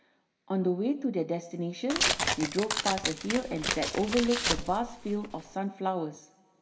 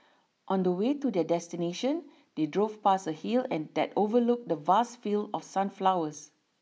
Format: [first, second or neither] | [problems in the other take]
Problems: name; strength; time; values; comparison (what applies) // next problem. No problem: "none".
second | background sound (Tearing); 1 dB below the speech // room echo; dies away in 2 s